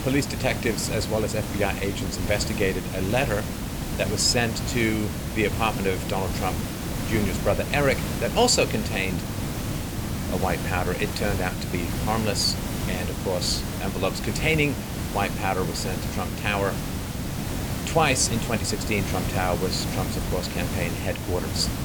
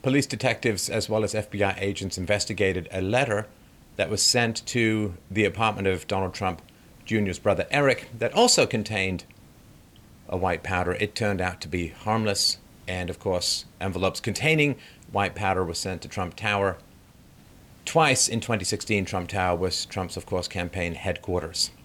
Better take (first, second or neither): second